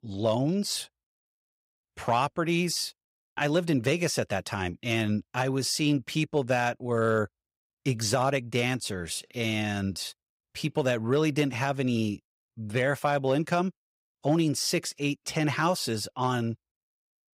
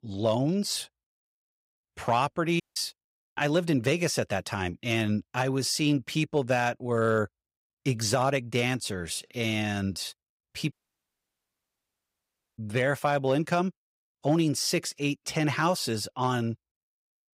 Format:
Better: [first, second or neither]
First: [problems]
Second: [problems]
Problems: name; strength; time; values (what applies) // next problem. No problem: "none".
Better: first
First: none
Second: audio cutting out; at 2.5 s and at 11 s for 2 s